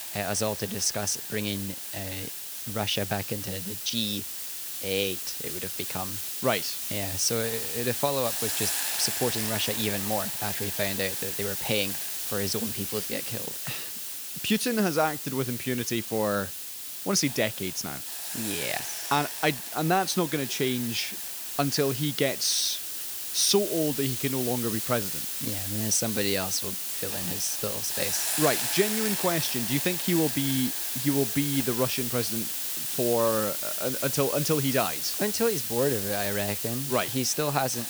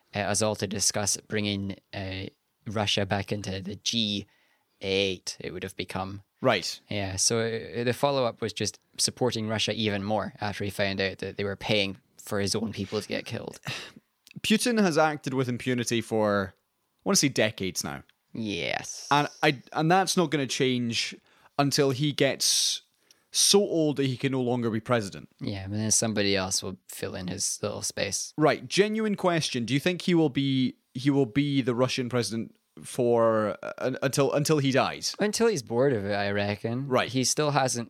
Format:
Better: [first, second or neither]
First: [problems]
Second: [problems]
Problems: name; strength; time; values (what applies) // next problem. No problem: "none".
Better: second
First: hiss; loud; throughout; 1 dB below the speech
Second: none